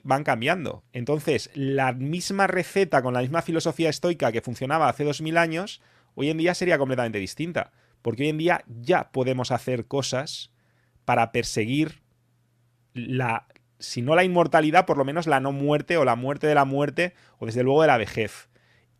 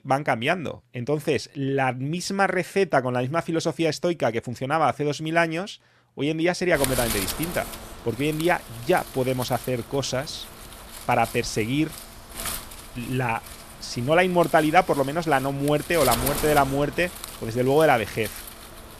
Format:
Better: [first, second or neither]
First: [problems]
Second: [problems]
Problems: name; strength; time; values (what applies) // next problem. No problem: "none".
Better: first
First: none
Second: wind noise on the microphone; occasional gusts; from 6.5 s on; 10 dB below the speech